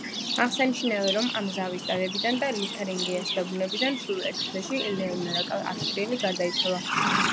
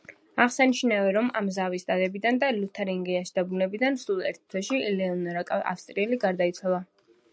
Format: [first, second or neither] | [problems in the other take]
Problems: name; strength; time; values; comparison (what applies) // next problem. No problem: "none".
second | background sound (Livestock, farm animals, working animals); 2 dB below the speech